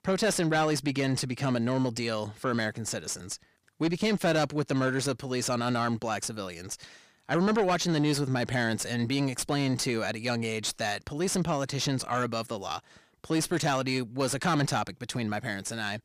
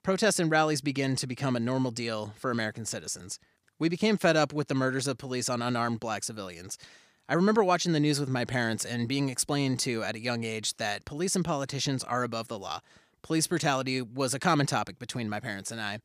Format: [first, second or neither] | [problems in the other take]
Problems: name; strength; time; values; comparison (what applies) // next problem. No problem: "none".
second | distortion; slight; 10 dB below the speech